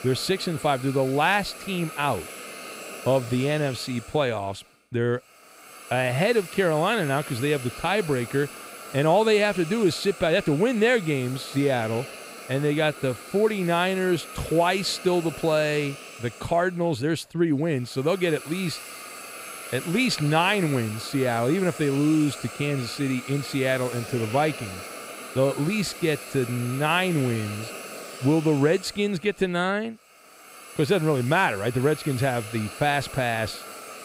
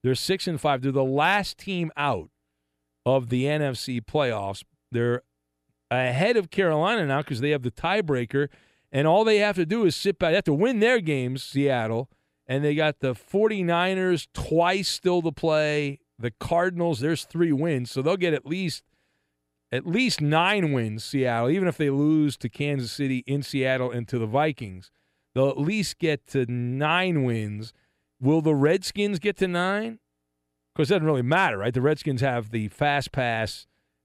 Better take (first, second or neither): second